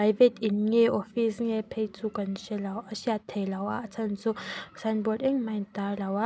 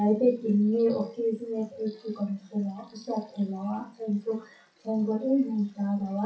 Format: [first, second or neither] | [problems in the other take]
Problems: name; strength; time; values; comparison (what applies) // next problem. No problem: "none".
first | noise reduction (classical method WPE with log-MMSE)